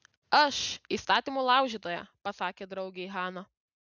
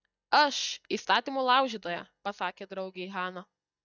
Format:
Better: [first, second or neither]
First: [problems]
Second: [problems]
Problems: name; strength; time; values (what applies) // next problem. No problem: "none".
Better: first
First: none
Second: noise reduction (neural mask model DeepFilterNet 3)